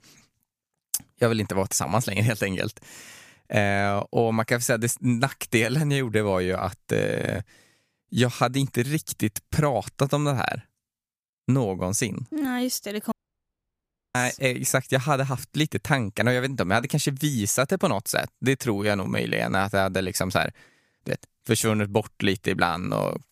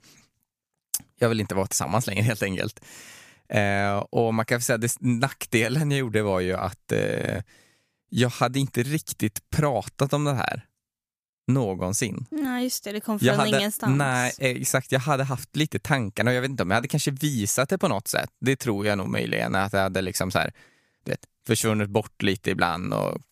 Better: second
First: audio cutting out; at 13 s for 1 s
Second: none

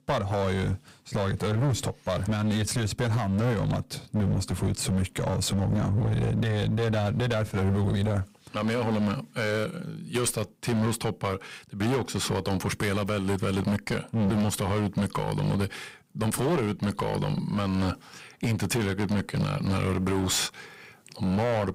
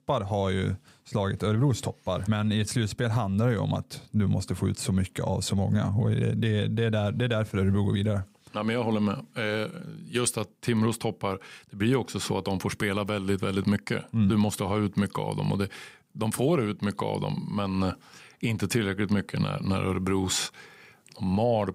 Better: second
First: distortion; heavy; 19% of the sound clipped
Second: none

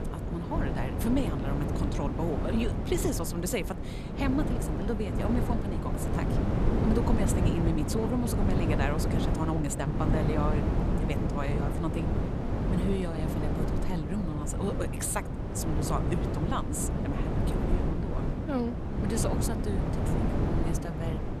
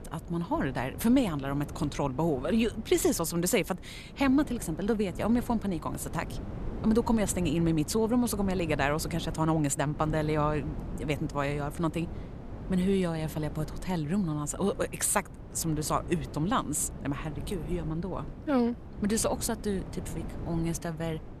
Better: second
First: wind noise on the microphone; heavy; as loud as the speech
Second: wind noise on the microphone; occasional gusts; 15 dB below the speech

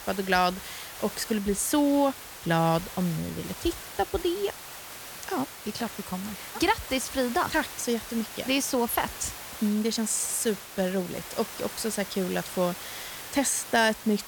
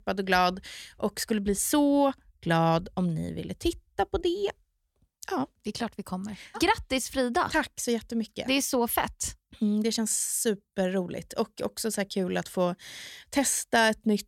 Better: second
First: hiss; noticeable; throughout; 10 dB below the speech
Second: none

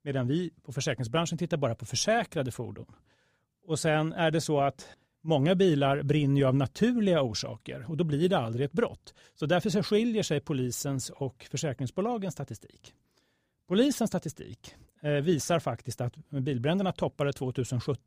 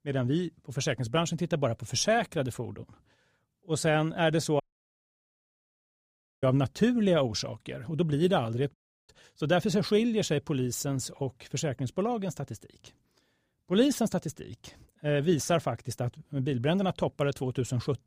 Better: first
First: none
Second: audio cutting out; at 4.5 s for 2 s and at 8.5 s

